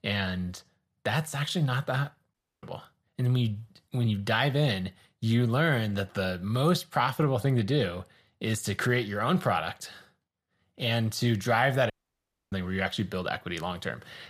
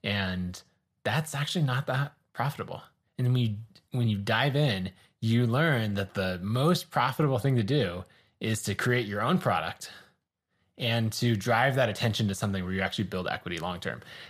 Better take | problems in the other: second | audio cutting out; at 2.5 s and at 12 s for 0.5 s

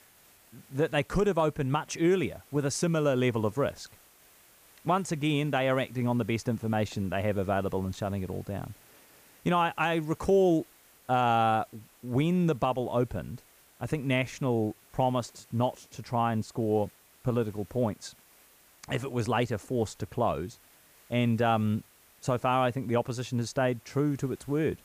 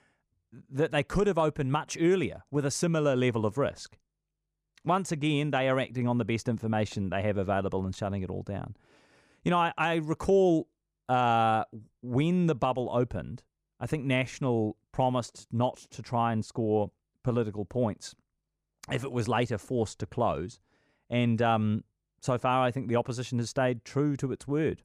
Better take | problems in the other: second | hiss; faint; throughout; 25 dB below the speech

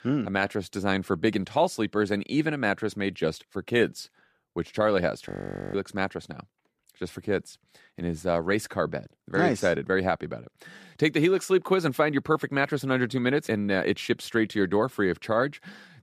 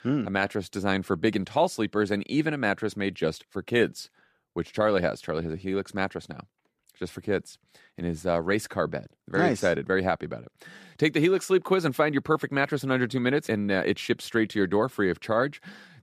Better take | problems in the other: second | audio freezing; at 5.5 s

